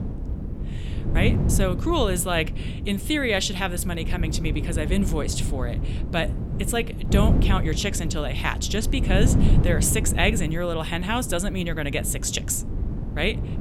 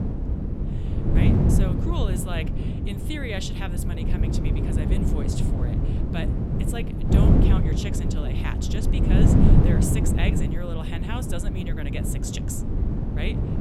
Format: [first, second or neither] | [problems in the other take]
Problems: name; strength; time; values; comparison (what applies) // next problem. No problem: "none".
first | wind noise on the microphone; heavy; 2 dB above the speech; occasional gusts in the first